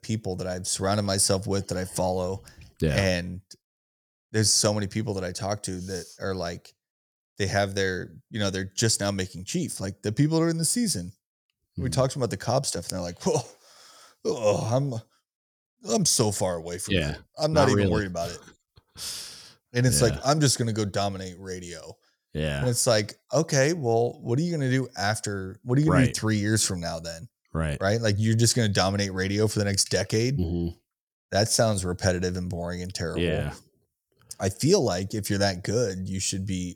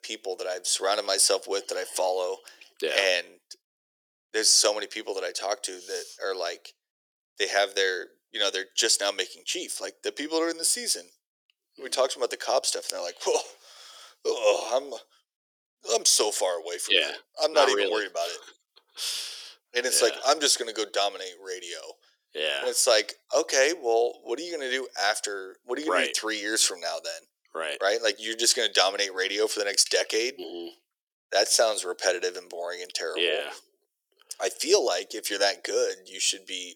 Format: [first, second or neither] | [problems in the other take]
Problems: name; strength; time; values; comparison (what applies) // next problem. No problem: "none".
first | thin; very; fading below 350 Hz